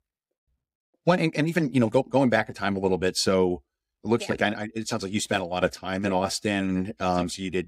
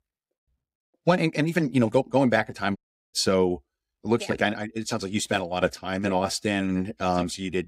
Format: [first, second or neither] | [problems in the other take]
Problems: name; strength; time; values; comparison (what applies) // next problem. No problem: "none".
first | audio cutting out; at 3 s